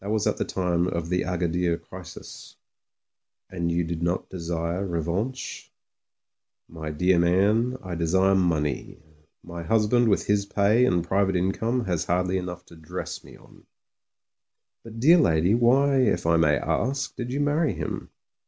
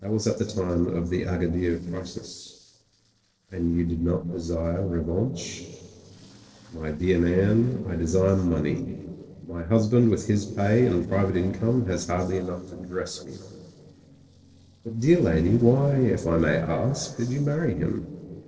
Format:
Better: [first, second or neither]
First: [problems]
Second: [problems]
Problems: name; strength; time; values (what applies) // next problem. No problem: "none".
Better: first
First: none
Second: noise reduction (neural separator model SepFormer DNS4)